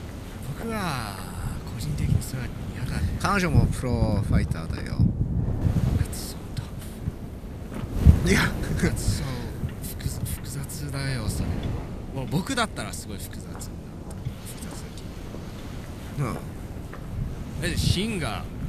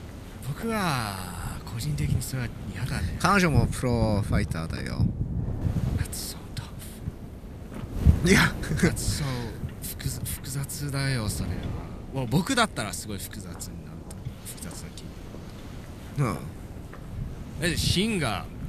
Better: second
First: wind noise on the microphone; heavy; 8 dB below the speech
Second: wind noise on the microphone; occasional gusts; 15 dB below the speech

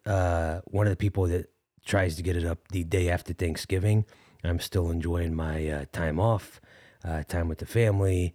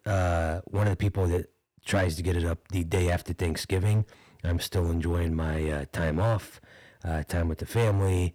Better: first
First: none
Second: distortion; slight; 6% of the sound clipped

